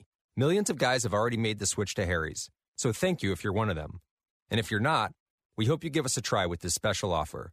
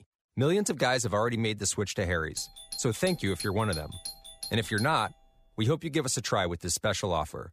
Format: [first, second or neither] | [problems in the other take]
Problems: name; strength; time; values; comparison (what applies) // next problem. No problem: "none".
first | doorbell; noticeable; from 2.5 to 5 s; peak 9 dB below the speech